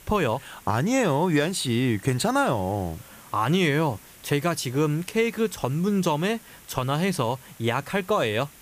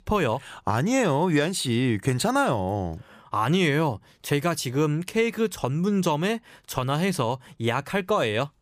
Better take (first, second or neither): second